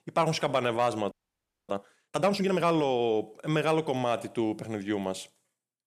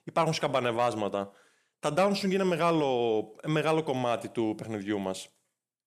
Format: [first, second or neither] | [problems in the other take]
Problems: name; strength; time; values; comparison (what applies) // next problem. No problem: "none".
second | audio freezing; at 1 s for 0.5 s